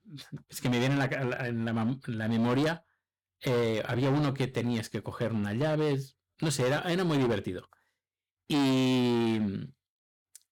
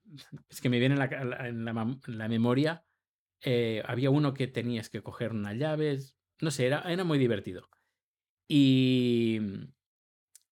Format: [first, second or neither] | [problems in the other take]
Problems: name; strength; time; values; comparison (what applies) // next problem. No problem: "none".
second | distortion; heavy; 15% of the sound clipped